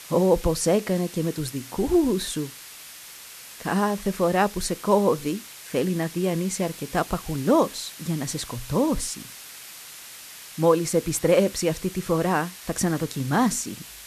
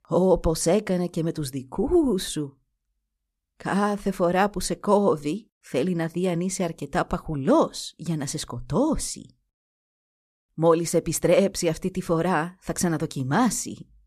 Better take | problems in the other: second | hiss; noticeable; throughout; 15 dB below the speech

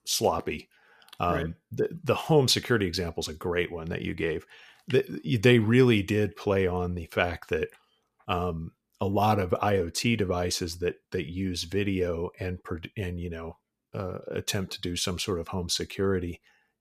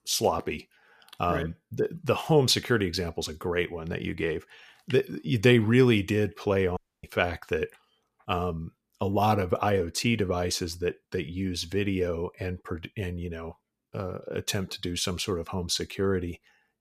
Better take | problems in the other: first | audio cutting out; at 7 s

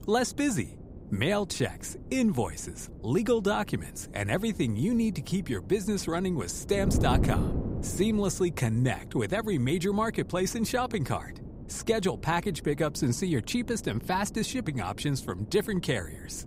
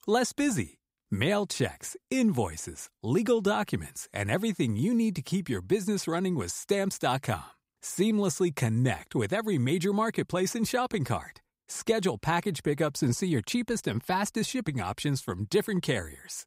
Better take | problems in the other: second | wind noise on the microphone; occasional gusts; 15 dB below the speech

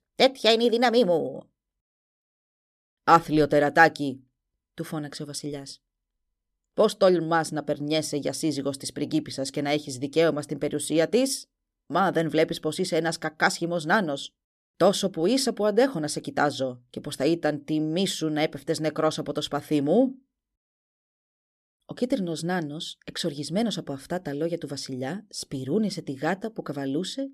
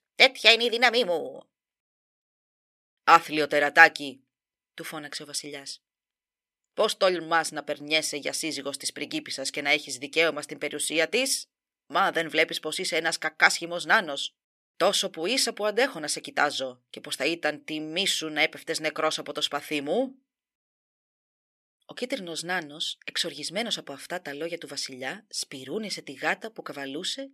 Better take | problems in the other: first | thin; somewhat; fading below 1 kHz

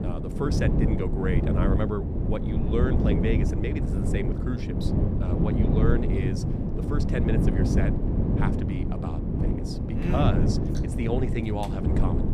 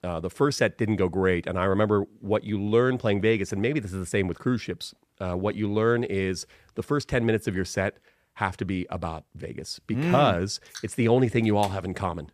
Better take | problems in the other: second | wind noise on the microphone; heavy; as loud as the speech

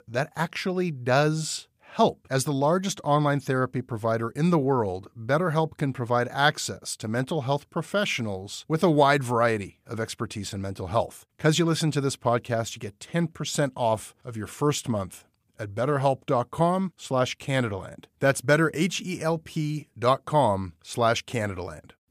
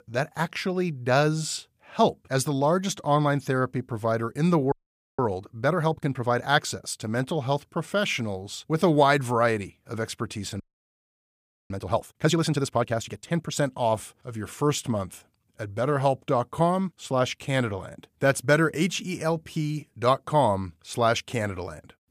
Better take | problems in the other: first | audio freezing; at 4.5 s and at 11 s for 1 s

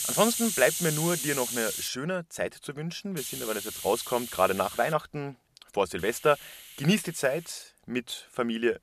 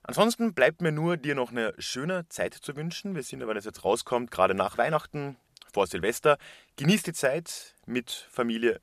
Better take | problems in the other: second | hiss; loud; until 2 s, from 3 to 5 s and from 6 to 7.5 s; 3 dB below the speech

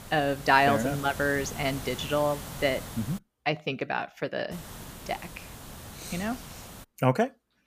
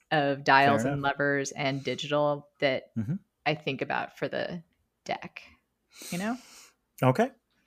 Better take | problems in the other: second | hiss; noticeable; until 3 s and from 4.5 to 7 s; 15 dB below the speech

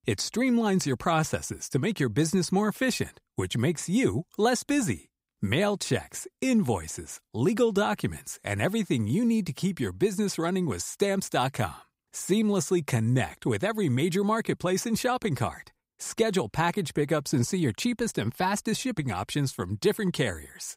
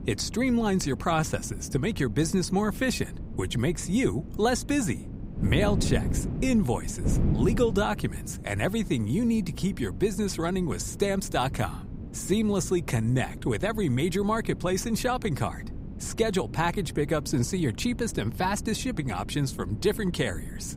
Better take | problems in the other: first | wind noise on the microphone; occasional gusts; 15 dB below the speech

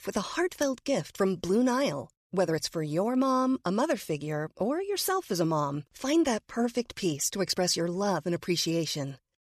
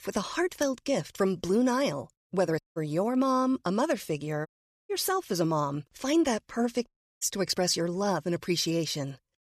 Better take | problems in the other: first | audio cutting out; at 2.5 s, at 4.5 s and at 7 s

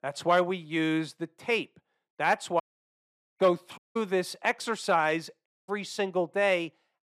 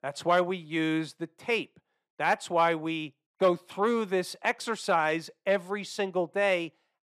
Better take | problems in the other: second | audio cutting out; at 2.5 s for 1 s, at 4 s and at 5.5 s

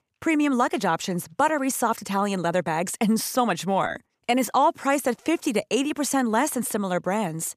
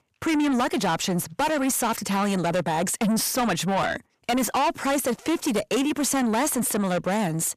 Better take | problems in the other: first | distortion; heavy; 7 dB below the speech

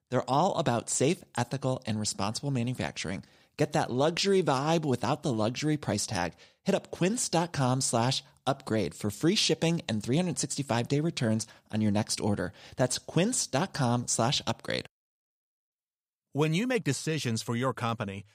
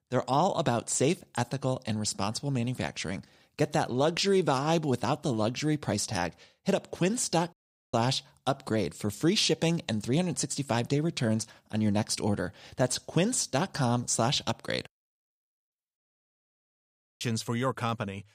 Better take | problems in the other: first | audio cutting out; at 7.5 s and at 16 s for 1 s

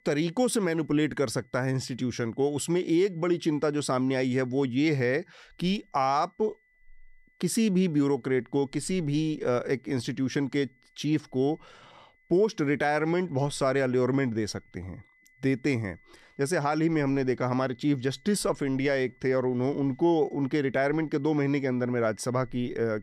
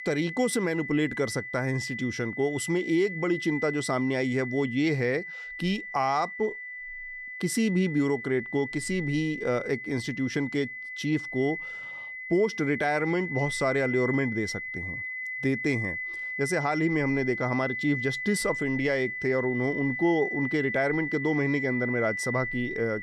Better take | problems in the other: first | high-pitched whine; loud; throughout; 2 kHz, 5 dB below the speech; faint in the first

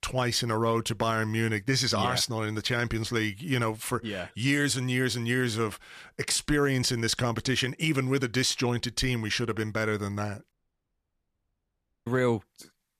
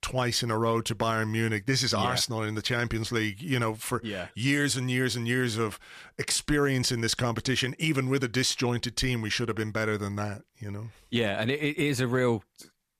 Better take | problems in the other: second | audio cutting out; at 11 s for 1.5 s

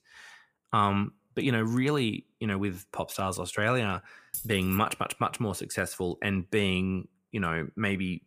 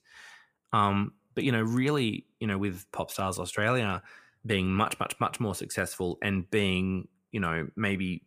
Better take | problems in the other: second | jangling keys; noticeable; at 4.5 s; peak 7 dB below the speech

